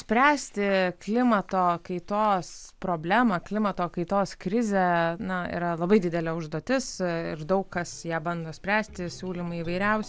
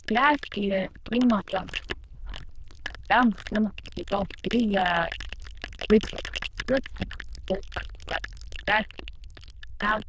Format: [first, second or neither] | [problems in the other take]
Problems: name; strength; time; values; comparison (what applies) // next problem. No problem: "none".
first | noise reduction (neural diffusion model UNIVERSE++)